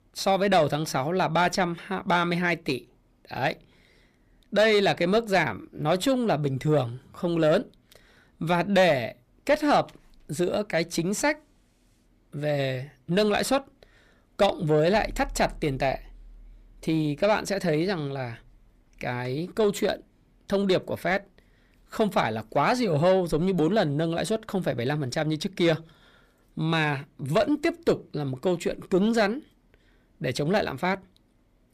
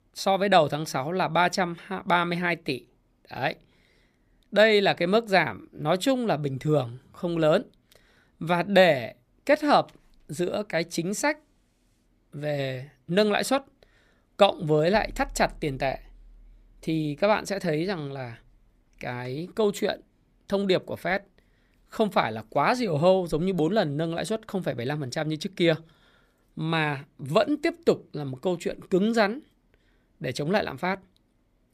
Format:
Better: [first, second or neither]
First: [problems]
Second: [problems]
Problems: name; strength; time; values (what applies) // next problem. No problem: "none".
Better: second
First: distortion; slight; 10 dB below the speech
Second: none